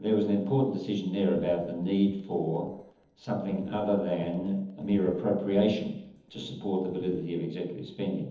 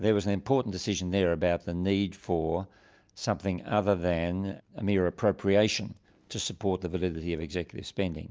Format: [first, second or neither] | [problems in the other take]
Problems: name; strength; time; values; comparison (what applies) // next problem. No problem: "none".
second | noise reduction (neural separator model SepFormer DNS4)